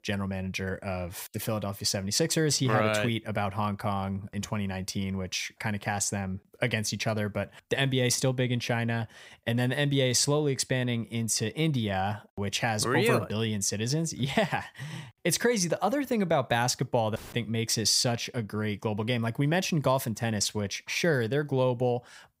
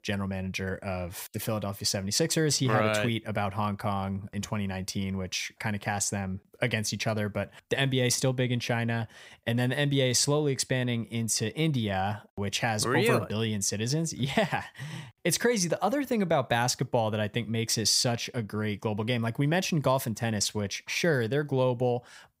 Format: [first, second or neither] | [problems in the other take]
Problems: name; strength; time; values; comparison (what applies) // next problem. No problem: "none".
second | audio cutting out; filled with static; at 17 s